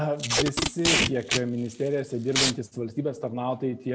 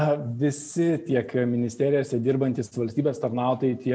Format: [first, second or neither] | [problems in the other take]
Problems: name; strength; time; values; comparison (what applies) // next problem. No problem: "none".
second | background sound (Packing tape, duct tape); as loud as the speech